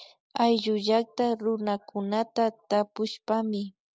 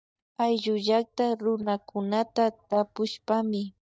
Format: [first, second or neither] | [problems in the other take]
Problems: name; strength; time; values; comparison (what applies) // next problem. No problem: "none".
first | noise reduction (neural mask model DeepFilterNet 3)